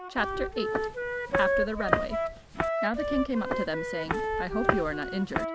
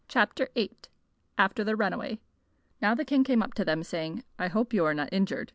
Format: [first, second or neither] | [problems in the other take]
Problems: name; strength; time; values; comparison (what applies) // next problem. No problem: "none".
second | background sound (Wind instrument, woodwind instrument + Walk, footsteps); 3 dB above the speech